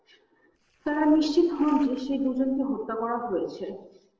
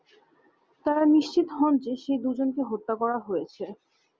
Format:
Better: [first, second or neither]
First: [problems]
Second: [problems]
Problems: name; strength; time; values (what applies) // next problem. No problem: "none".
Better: second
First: noise reduction (neural separator model SepFormer DNS4)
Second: none